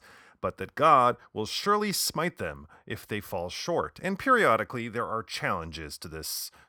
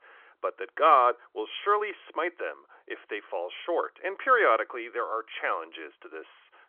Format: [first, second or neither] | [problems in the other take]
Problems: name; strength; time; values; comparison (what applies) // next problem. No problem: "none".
first | phone-call audio; nothing above 3.5 kHz